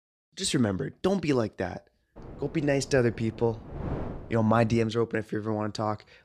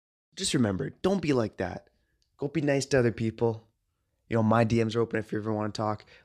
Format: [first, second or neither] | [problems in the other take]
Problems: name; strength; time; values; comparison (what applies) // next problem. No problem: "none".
second | wind noise on the microphone; occasional gusts; from 2 to 5 s; 15 dB below the speech